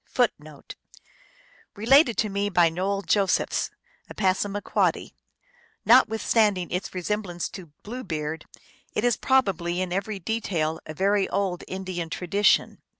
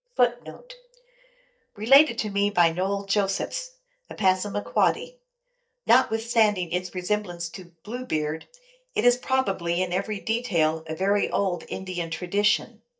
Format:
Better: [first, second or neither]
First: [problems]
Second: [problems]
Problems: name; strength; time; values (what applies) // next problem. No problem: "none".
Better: first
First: none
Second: noise reduction (neural mask model DeepFilterNet 3)